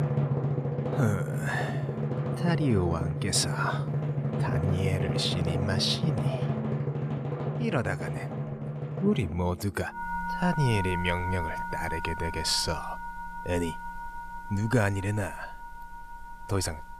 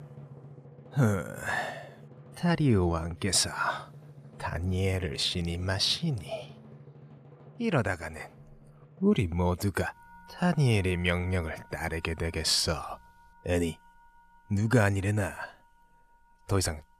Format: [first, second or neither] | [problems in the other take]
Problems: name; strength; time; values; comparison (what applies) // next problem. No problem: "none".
second | background music; loud; throughout; 2 dB below the speech; faint in the second